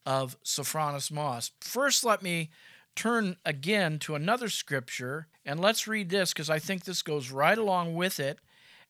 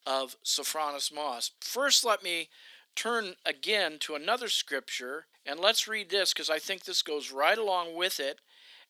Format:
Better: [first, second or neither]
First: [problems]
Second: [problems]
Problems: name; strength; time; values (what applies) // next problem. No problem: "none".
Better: first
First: none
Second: thin; somewhat; fading below 250 Hz